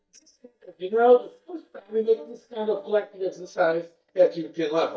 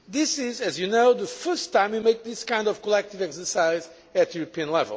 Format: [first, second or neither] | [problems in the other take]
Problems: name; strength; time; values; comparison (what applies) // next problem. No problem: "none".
second | noise reduction (neural mask model DeepFilterNet 3)